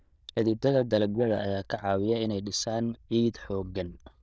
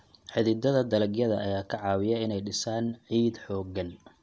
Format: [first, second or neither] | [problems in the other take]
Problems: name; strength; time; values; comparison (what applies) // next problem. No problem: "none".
second | noise reduction (neural diffusion model UNIVERSE++)